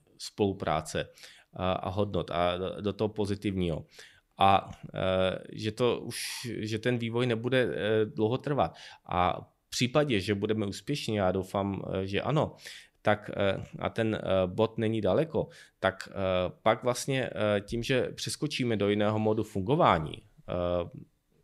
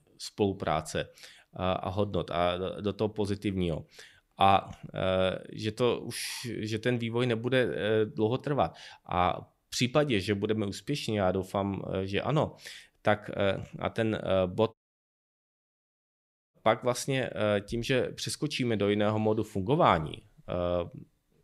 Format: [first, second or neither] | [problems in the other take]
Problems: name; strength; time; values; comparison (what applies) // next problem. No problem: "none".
first | audio cutting out; at 15 s for 2 s